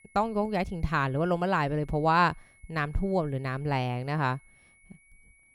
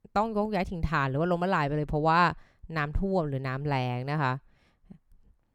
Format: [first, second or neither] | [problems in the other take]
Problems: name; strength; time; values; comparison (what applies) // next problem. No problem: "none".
second | high-pitched whine; faint; throughout; 2 kHz, 30 dB below the speech